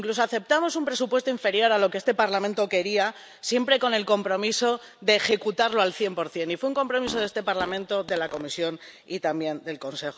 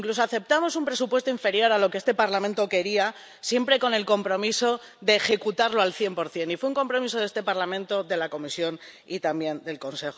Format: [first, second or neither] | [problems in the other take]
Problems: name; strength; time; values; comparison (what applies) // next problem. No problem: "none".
second | background sound (Fart); 16 dB below the speech